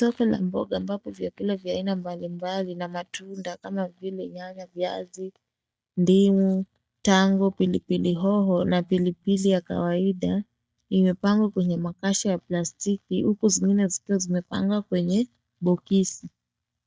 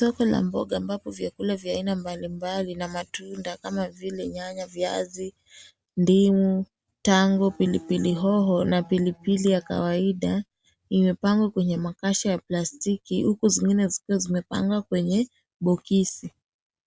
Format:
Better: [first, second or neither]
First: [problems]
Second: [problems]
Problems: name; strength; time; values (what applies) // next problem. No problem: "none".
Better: second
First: noise reduction (neural mask model DeepFilterNet 3)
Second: none